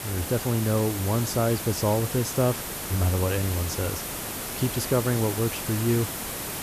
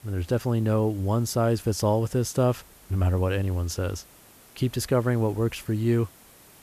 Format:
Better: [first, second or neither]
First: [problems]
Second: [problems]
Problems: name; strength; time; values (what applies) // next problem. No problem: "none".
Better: second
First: hiss; loud; throughout; 5 dB below the speech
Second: hiss; faint; throughout; 25 dB below the speech